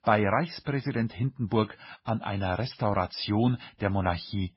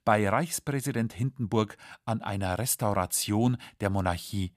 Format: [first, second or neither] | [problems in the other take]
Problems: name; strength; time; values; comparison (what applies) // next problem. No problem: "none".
second | garbled, watery; badly; nothing above 5.5 kHz